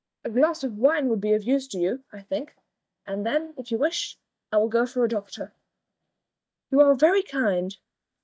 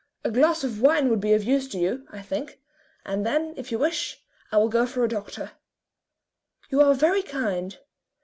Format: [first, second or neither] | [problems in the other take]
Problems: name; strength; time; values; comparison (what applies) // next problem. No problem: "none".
second | noise reduction (neural mask model DeepFilterNet 3)